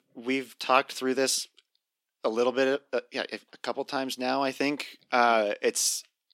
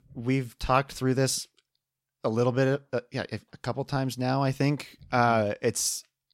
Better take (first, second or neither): second